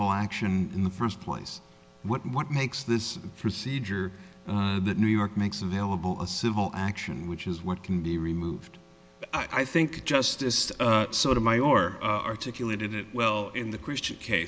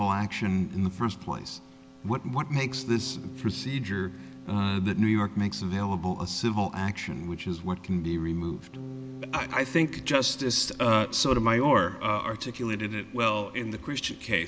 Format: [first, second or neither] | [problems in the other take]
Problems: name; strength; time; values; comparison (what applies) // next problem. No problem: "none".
first | background sound (Bass guitar); 17 dB below the speech